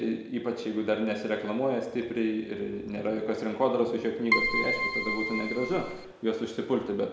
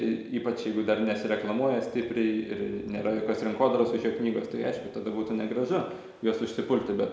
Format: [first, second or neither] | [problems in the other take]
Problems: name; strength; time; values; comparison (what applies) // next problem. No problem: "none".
second | background sound (Keyboard (musical)); as loud as the speech